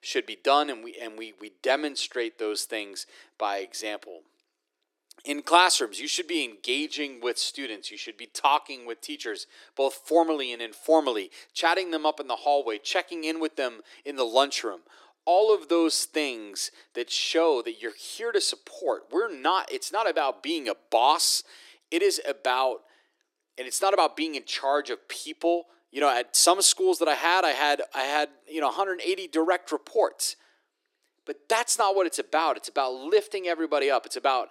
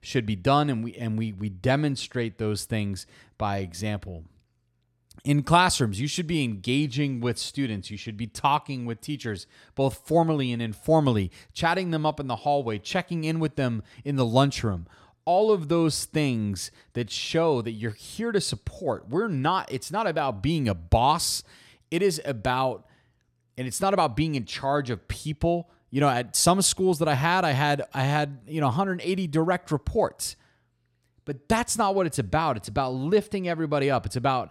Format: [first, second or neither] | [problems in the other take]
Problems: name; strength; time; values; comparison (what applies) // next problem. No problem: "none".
second | thin; very; fading below 300 Hz